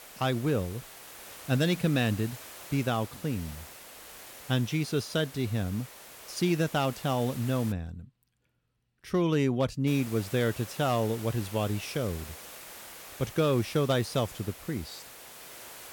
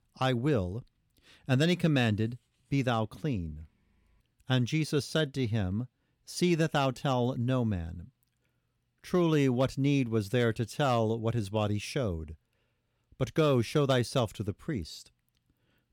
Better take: second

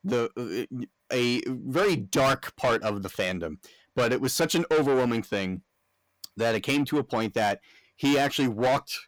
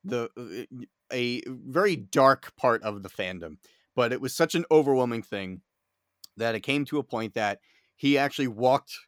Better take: second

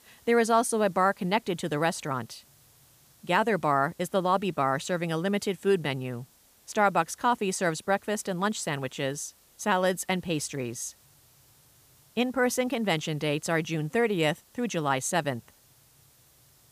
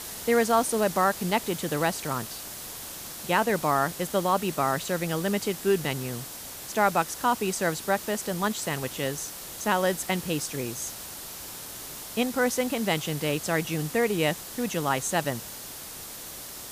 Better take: first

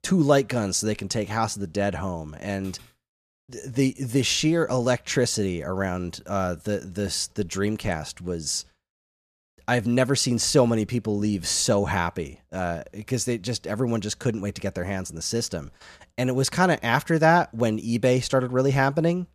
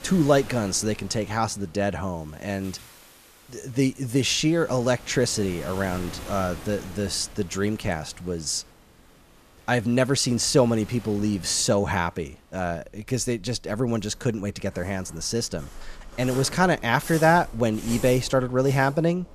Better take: first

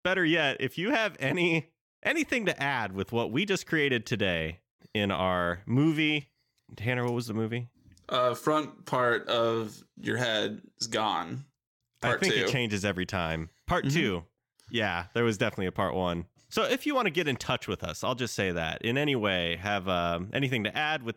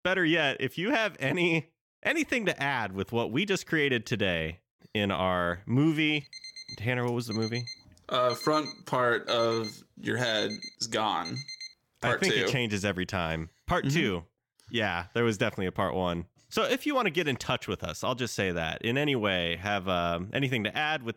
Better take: first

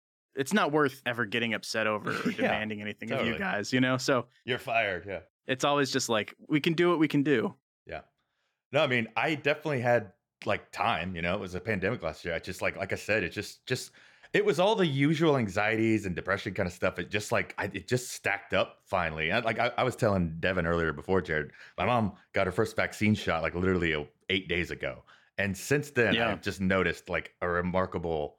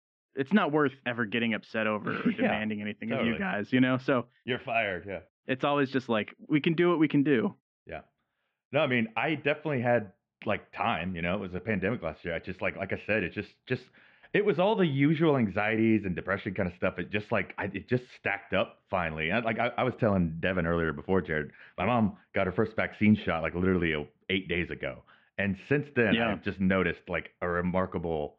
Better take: first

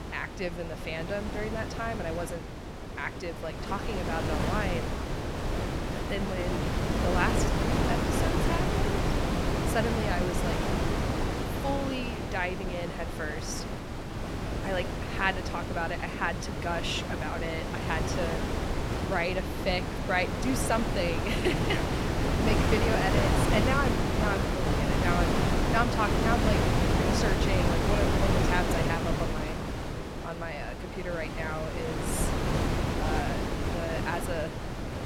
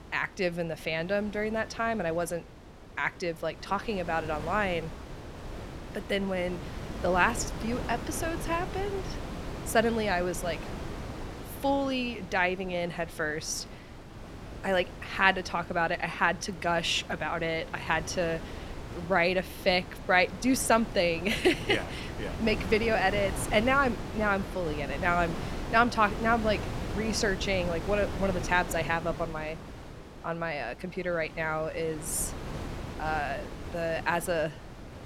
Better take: second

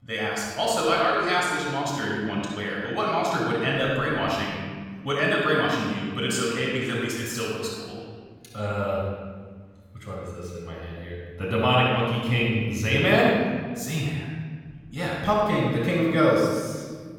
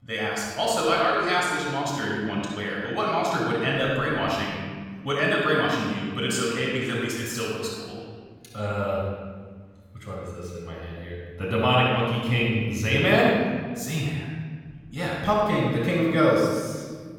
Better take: neither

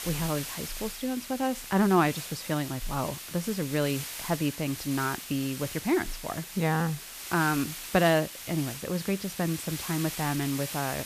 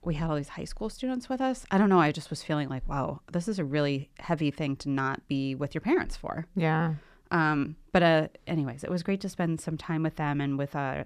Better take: second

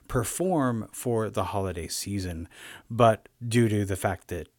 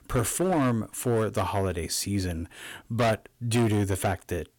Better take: first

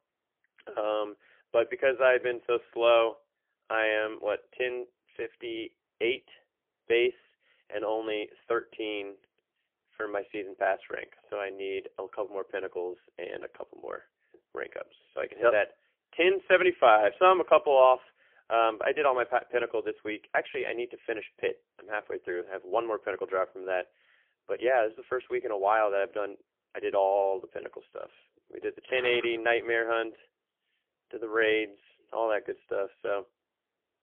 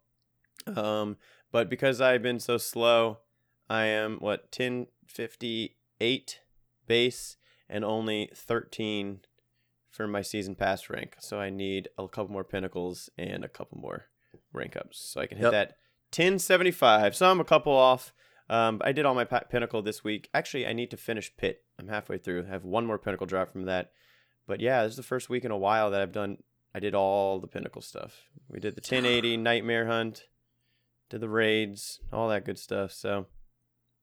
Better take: second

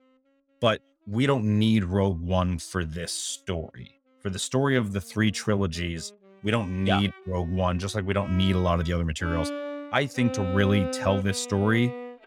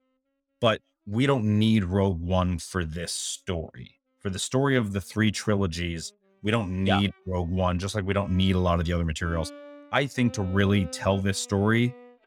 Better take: second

